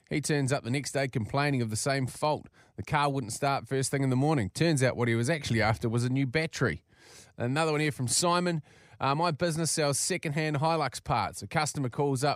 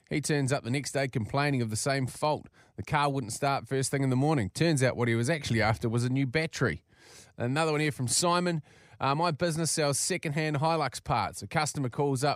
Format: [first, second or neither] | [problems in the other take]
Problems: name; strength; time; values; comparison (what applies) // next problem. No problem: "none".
neither | none